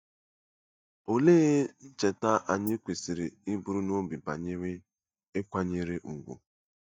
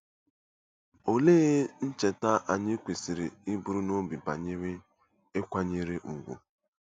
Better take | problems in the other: second | noise reduction (neural mask model DeepFilterNet 3)

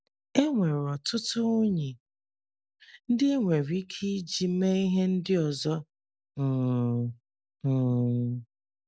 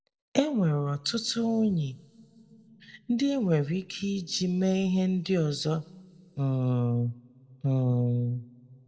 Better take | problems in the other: first | room echo; dies away in 1.4 s

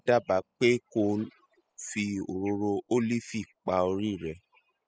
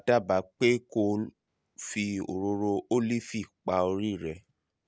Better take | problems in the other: second | noise reduction (classical method spectral subtraction)

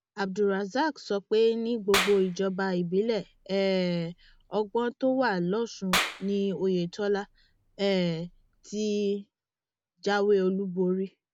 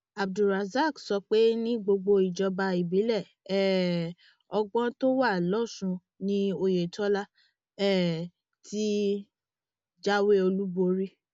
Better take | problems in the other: second | background sound (Clapping); 9 dB below the speech

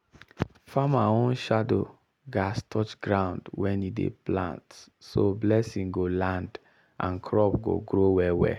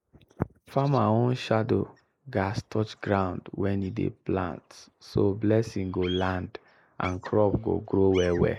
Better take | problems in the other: first | noise reduction (neural mask model Resemble Enhance denoiser)

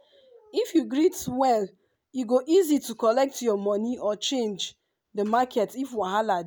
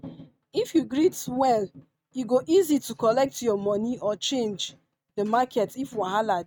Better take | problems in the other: first | noise reduction (neural mask model RNNoise)

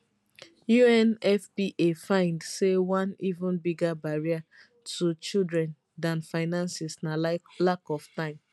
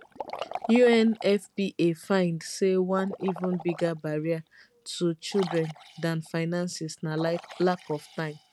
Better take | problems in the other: first | background sound (Liquid); 16 dB below the speech

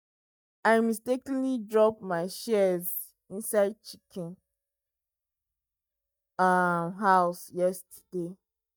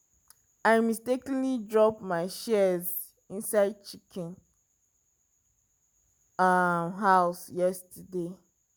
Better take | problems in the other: second | noise reduction (neural mask model DeepFilterNet 3)

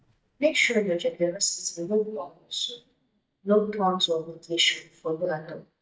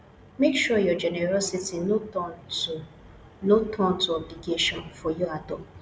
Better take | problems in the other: second | noise reduction (neural mask model DeepFilterNet 3)

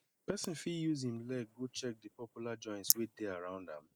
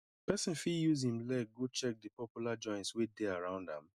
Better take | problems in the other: second | noise reduction (neural mask model Resemble Enhance denoiser)

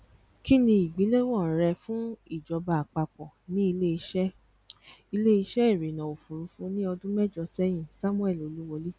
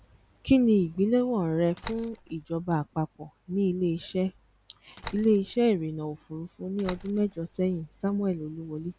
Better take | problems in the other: first | background sound (Slam); 19 dB below the speech

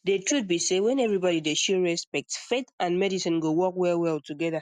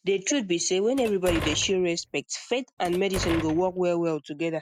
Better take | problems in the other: first | background sound (Door); 9 dB below the speech

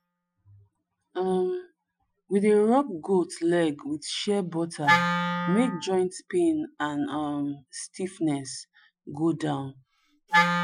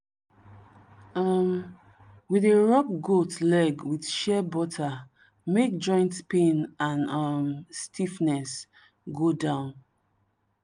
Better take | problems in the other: second | noise reduction (classical method Wiener filter)

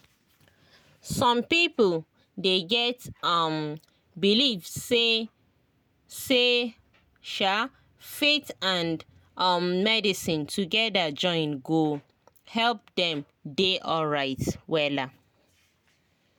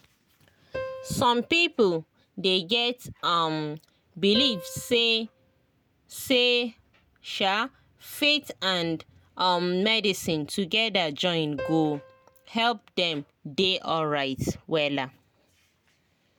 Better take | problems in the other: first | background sound (Piano); 16 dB below the speech

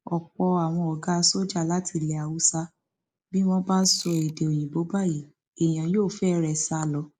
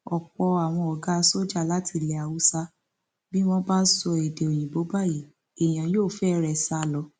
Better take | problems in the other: second | noise reduction (neural mask model Resemble Enhance denoiser)

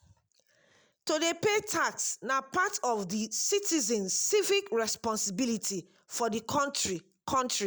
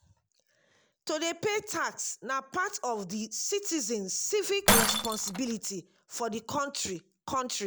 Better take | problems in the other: first | background sound (Shatter); 3 dB below the speech

